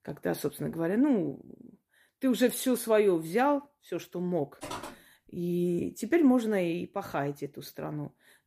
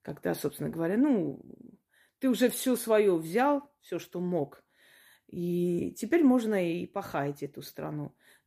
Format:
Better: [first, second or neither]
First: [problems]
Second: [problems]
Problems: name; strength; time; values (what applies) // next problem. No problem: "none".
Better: second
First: footsteps; faint; at 4.5 s; peak 10 dB below the speech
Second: none